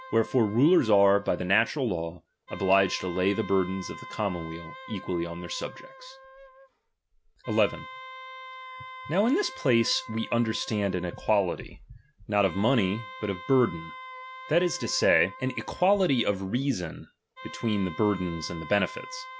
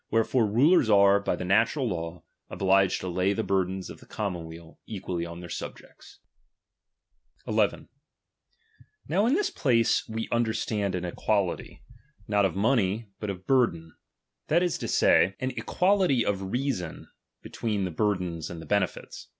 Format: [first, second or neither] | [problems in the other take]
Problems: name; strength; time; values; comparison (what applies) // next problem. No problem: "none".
second | background sound (Wind instrument, woodwind instrument); 16 dB below the speech